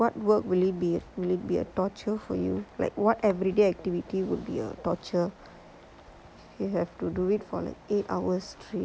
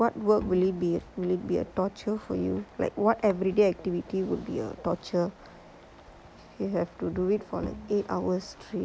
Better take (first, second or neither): first